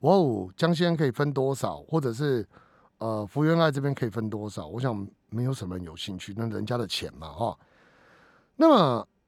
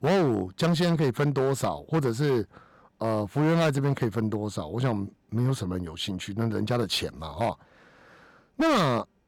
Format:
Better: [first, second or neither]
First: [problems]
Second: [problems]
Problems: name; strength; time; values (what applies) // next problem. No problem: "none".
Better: first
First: none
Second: distortion; heavy; 10% of the sound clipped